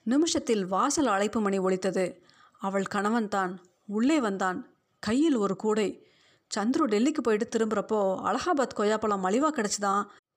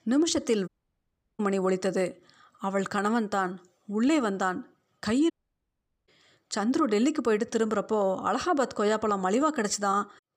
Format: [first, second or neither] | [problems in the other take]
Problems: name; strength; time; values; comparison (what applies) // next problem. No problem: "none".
first | audio cutting out; at 0.5 s for 0.5 s and at 5.5 s for 1 s